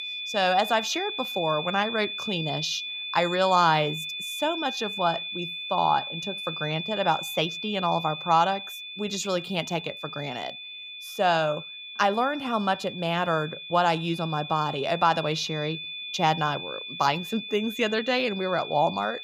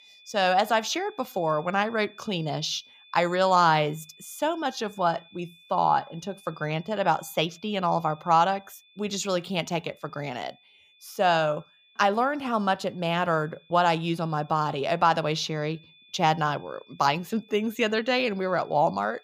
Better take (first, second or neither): second